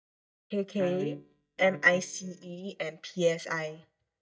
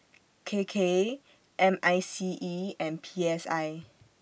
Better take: second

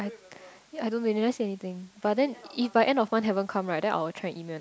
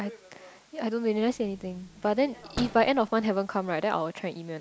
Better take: first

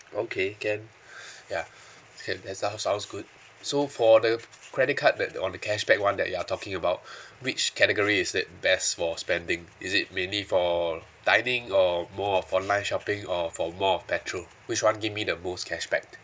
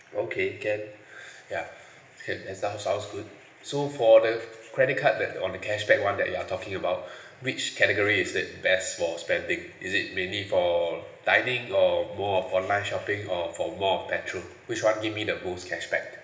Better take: first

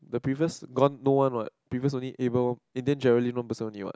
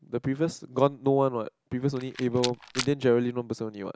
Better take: first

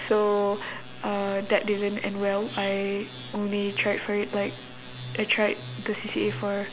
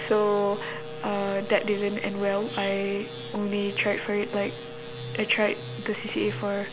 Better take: first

